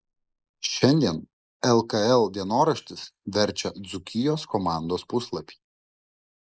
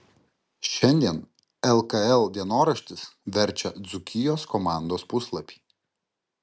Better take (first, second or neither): second